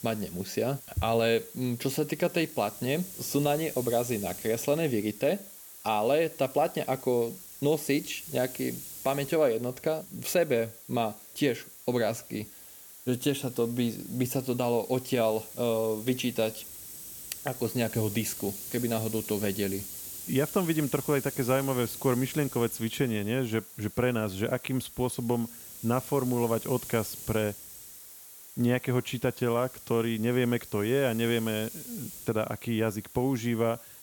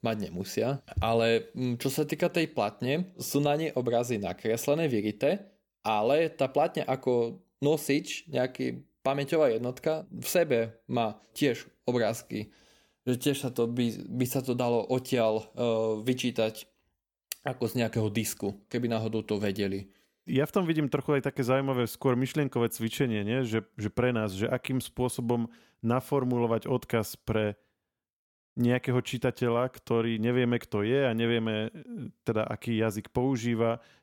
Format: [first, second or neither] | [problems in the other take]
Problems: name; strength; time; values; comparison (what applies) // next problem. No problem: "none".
second | hiss; noticeable; throughout; 10 dB below the speech